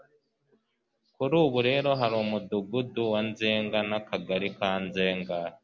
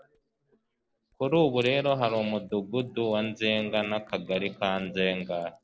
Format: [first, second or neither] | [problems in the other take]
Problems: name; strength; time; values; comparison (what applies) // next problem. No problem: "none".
first | noise reduction (neural separator model SepFormer DNS4)